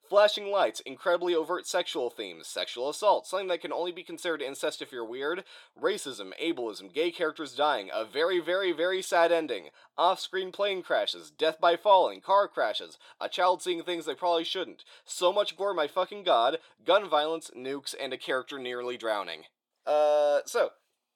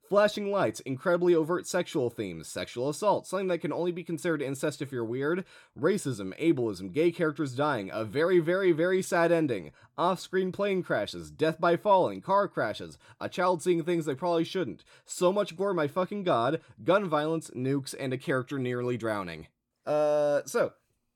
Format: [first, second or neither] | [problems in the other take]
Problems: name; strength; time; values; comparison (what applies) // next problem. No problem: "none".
second | thin; very; fading below 500 Hz